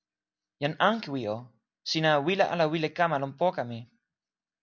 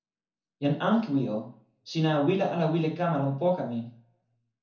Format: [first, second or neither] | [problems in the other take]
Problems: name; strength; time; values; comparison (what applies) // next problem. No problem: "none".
first | room echo; dies away in 0.7 s